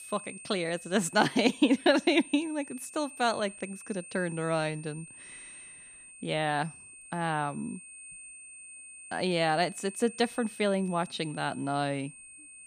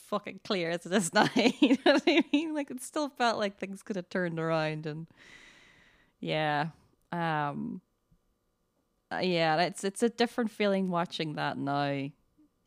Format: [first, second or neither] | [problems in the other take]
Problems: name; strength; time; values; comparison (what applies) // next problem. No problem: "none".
second | high-pitched whine; noticeable; throughout; 8.5 kHz, 15 dB below the speech